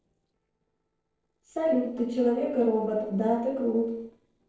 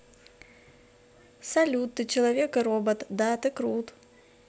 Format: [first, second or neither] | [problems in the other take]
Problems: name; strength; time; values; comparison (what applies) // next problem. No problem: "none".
second | noise reduction (neural separator model SepFormer DNS4)